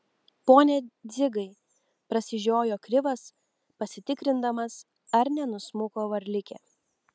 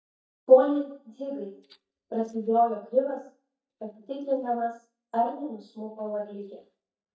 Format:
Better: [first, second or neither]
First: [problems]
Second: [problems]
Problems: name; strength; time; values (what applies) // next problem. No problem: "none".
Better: first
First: none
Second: noise reduction (neural mask model DeepFilterNet 3)